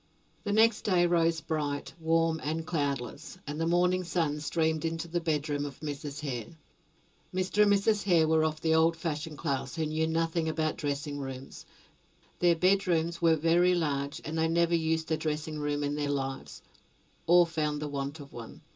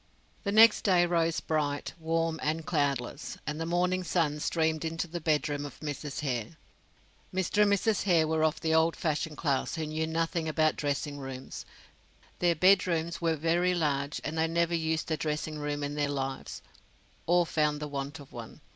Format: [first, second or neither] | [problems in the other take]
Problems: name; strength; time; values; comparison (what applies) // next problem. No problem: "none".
second | room echo; dies away in 0.2 s